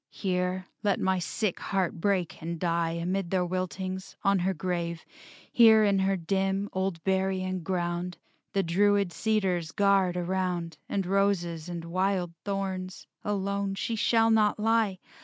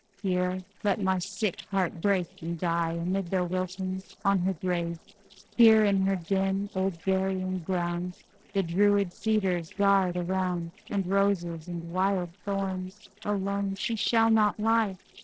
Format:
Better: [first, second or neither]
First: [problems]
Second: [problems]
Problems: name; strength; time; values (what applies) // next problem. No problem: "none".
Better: first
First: none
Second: noise reduction (neural separator model SepFormer DNS4)